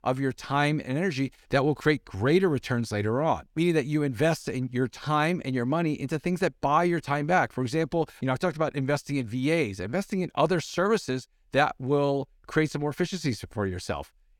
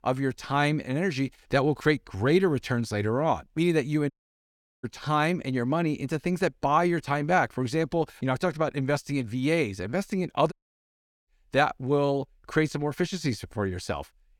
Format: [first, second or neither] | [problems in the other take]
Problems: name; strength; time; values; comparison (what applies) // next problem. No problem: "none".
first | audio cutting out; at 4 s for 0.5 s and at 11 s for 1 s